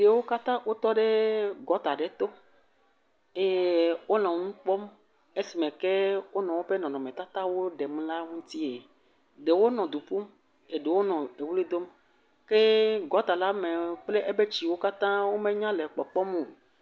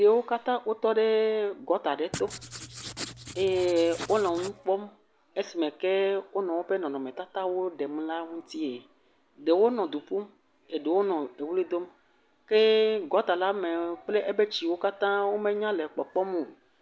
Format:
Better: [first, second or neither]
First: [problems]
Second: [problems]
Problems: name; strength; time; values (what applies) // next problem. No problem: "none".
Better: first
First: none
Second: background sound (Writing); 13 dB below the speech